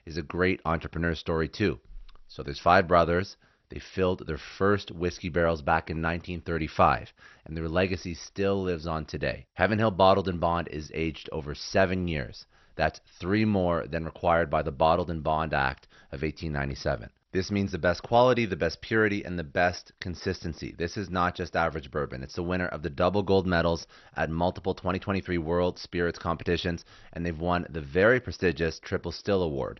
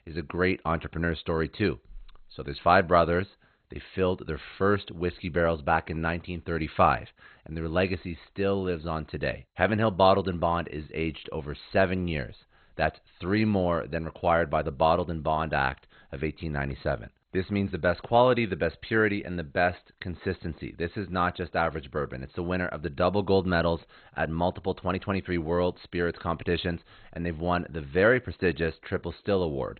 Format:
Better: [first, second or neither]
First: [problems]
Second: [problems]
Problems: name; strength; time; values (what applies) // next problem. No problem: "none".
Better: first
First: garbled, watery; slightly; nothing above 6 kHz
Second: garbled, watery; badly; nothing above 4 kHz